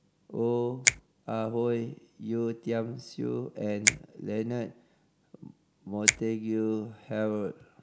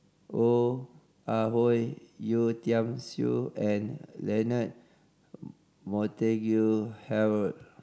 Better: second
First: background sound (Finger snapping); 1 dB below the speech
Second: none

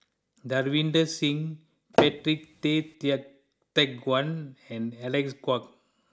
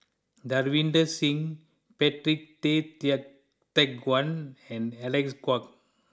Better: second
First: background sound (Tap / Hammer); as loud as the speech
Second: none

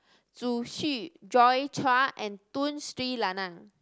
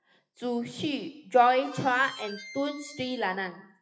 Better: first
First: none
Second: noise reduction (classical method WPE with log-MMSE)

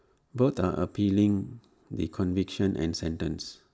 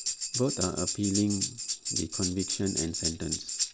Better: first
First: none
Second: background sound (Tambourine); 1 dB below the speech

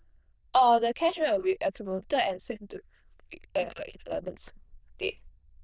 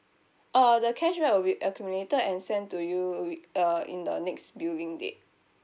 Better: second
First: noise reduction (neural diffusion model UNIVERSE++)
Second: none

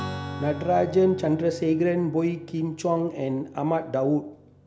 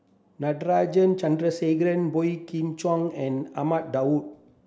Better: second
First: background sound (Strum); 14 dB below the speech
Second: none

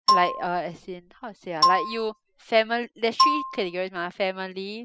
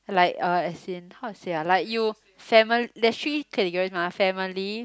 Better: second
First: noise reduction (classical method spectral subtraction)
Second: none

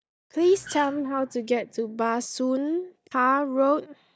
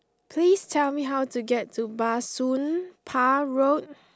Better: second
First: noise reduction (neural mask model DeepFilterNet 3)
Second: none

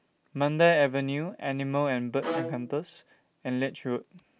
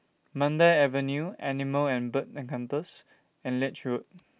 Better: second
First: background sound (Bowed string instrument); 8 dB below the speech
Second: none

